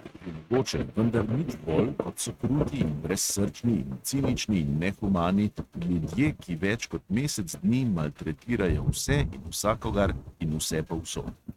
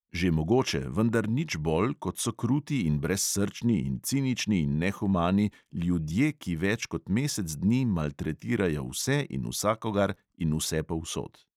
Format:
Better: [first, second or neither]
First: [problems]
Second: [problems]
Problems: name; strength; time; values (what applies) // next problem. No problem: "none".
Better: second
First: noise reduction (neural mask model RNNoise)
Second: none